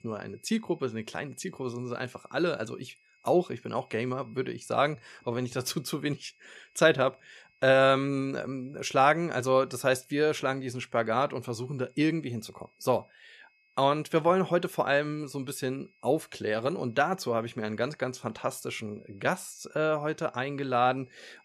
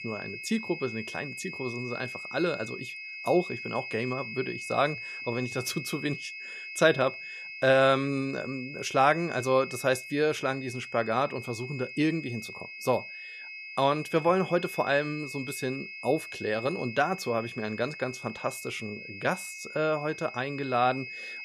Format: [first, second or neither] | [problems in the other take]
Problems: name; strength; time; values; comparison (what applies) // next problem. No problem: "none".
first | high-pitched whine; loud; throughout; 2.5 kHz, 9 dB below the speech; faint in the first